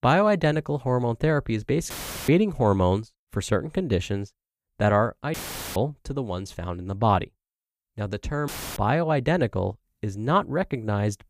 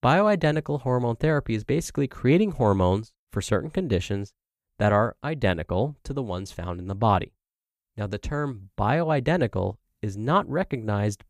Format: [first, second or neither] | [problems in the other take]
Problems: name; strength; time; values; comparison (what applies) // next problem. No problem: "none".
second | audio cutting out; filled with static; at 2 s, at 5.5 s and at 8.5 s